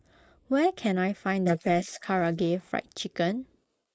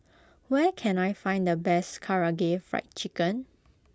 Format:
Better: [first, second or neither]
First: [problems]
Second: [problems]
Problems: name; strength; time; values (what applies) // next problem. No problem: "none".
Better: second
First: noise reduction (neural mask model Resemble Enhance denoiser)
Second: none